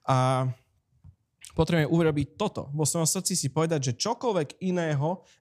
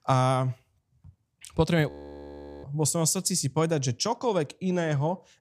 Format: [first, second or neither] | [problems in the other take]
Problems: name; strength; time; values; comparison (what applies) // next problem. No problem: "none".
first | audio freezing; at 2 s for 1 s